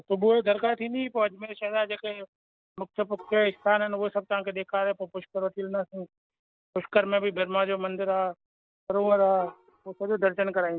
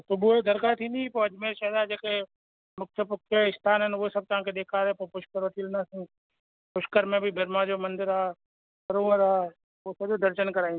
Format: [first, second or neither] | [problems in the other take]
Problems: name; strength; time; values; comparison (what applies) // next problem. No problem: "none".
second | noise reduction (neural mask model DeepFilterNet 3)